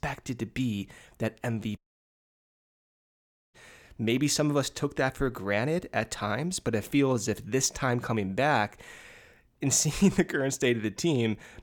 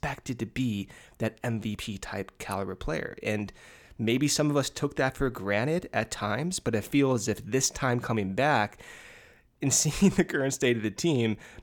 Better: second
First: audio cutting out; at 2 s for 1.5 s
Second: none

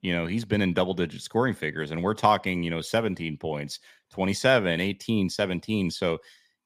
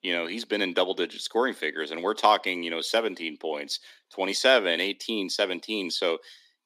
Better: first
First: none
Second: thin; somewhat; fading below 250 Hz

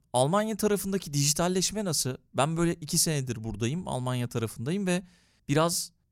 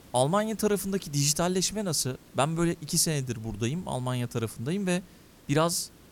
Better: first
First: none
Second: hiss; faint; throughout; 25 dB below the speech

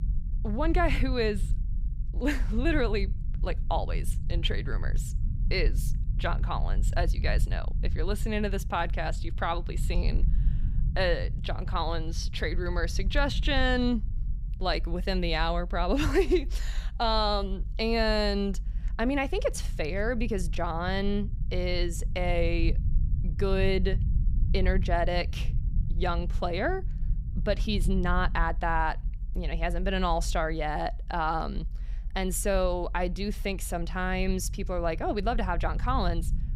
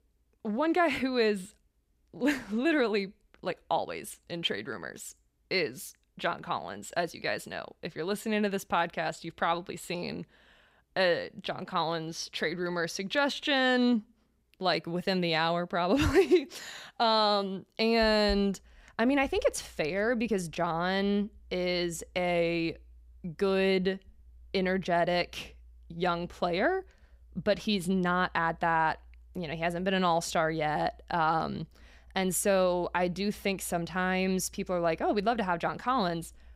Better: second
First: low rumble; noticeable; throughout; 20 dB below the speech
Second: none

